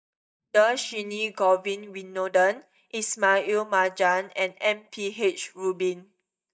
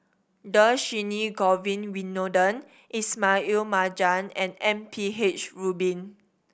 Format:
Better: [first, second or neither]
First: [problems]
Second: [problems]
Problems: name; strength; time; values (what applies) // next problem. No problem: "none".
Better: second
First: noise reduction (neural mask model DeepFilterNet 3)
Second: none